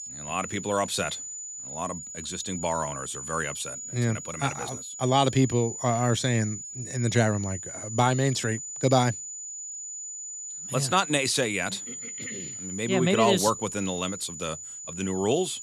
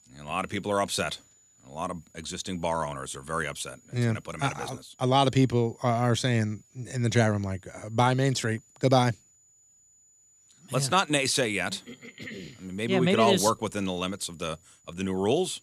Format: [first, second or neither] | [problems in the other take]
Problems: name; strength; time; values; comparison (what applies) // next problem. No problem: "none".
second | high-pitched whine; loud; throughout; 7 kHz, 8 dB below the speech; faint in the second